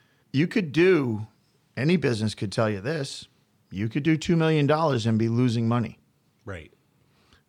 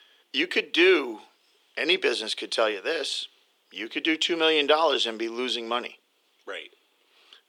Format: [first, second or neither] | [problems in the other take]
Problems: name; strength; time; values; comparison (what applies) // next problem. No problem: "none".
first | thin; very; fading below 350 Hz